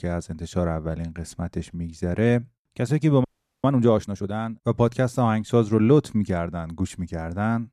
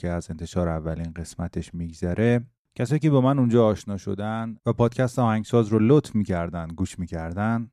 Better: second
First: audio freezing; at 3 s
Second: none

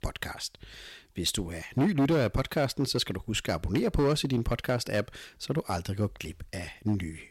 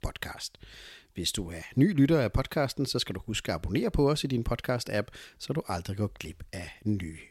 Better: second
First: distortion; slight; 5% of the sound clipped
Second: none

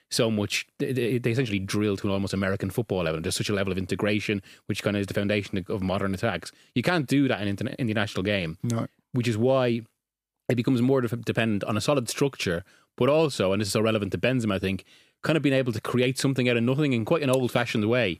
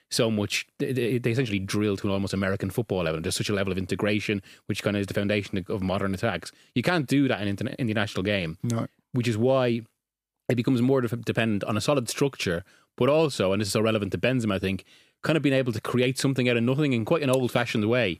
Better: neither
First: none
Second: none

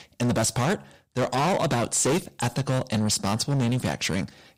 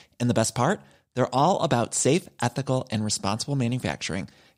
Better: second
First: distortion; heavy; 18% of the sound clipped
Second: none

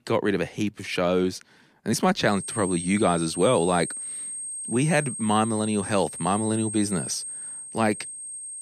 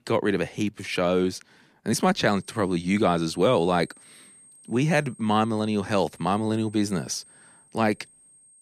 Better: second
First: high-pitched whine; loud; from 2.5 s on; 8.5 kHz, 7 dB below the speech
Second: high-pitched whine; faint; from 2.5 s on; 8.5 kHz, 25 dB below the speech

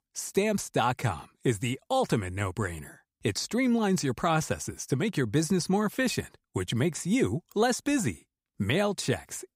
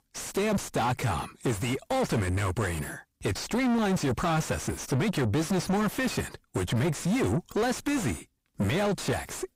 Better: first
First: none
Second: distortion; heavy; 4 dB below the speech

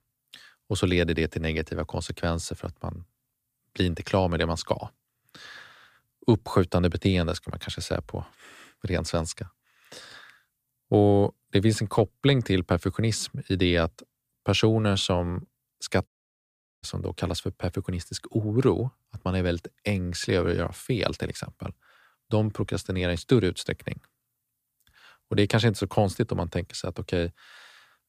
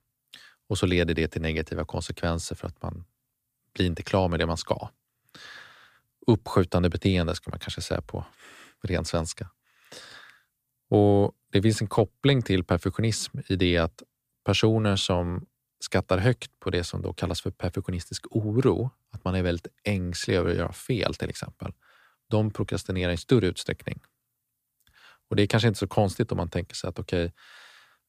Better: second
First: audio cutting out; at 16 s for 0.5 s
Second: none

